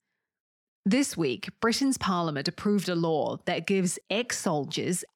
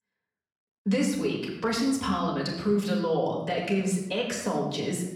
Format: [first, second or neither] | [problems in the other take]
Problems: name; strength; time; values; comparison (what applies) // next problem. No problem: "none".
first | off-mic speech; far // room echo; noticeable; dies away in 0.8 s